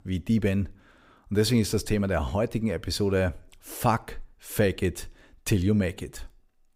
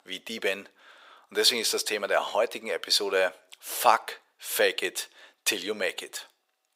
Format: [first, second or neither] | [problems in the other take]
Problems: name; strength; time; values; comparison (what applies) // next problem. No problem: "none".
first | thin; very; fading below 550 Hz